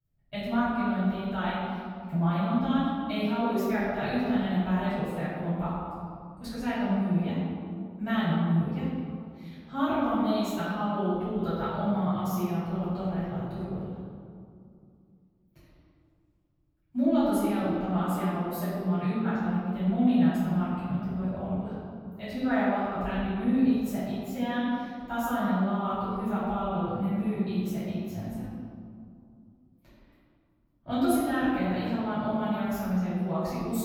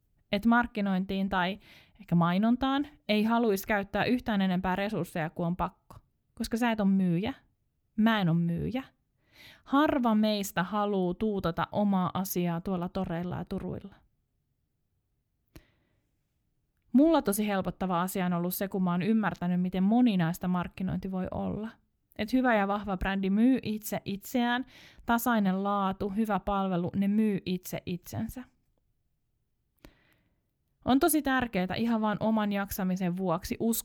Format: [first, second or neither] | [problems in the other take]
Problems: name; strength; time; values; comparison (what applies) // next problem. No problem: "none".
second | off-mic speech; far // room echo; strong; dies away in 2.2 s